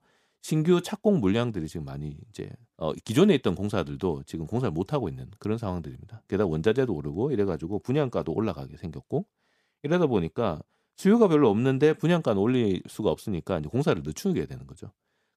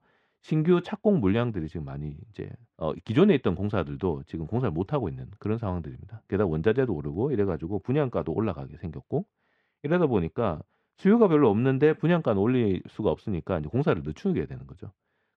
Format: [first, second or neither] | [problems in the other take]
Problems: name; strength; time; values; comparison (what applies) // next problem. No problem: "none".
first | muffled; slightly; fading above 2.5 kHz